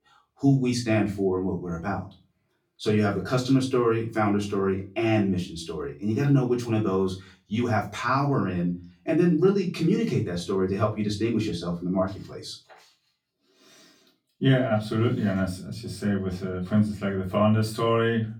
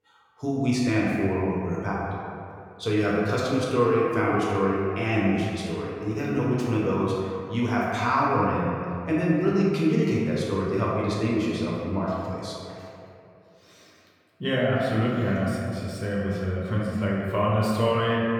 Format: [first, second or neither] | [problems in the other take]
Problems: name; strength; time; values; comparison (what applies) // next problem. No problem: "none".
first | room echo; strong; dies away in 2.4 s; slight in the first // off-mic speech; far; far in the first